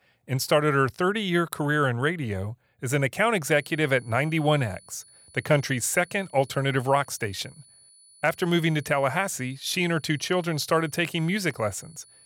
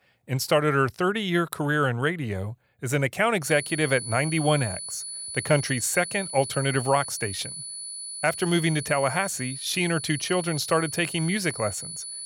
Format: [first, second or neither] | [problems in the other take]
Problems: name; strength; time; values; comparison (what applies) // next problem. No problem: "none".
first | high-pitched whine; loud; from 3.5 s on; 10 kHz, 8 dB below the speech; faint in the first